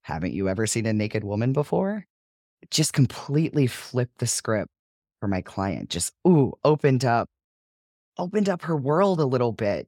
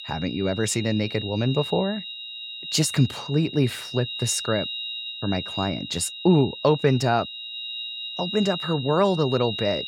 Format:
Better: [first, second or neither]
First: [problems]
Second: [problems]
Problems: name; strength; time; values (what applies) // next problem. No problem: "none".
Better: first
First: none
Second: high-pitched whine; loud; throughout; 4 kHz, 8 dB below the speech